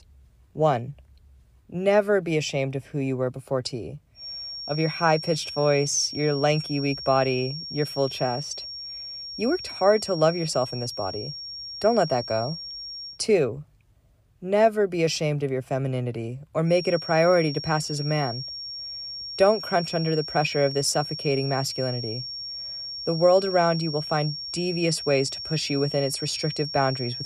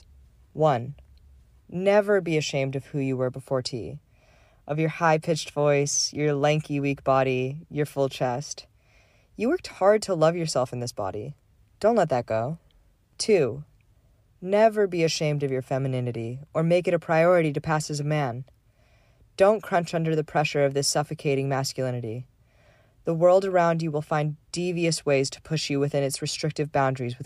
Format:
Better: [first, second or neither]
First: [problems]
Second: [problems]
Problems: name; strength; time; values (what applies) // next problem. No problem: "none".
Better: second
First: high-pitched whine; loud; from 4 to 13 s and from 17 s on; 5.5 kHz, 8 dB below the speech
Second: none